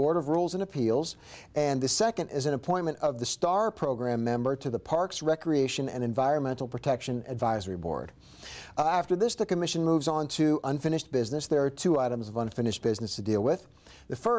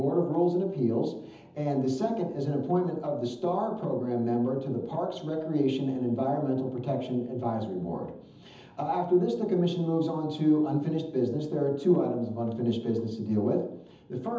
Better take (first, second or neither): first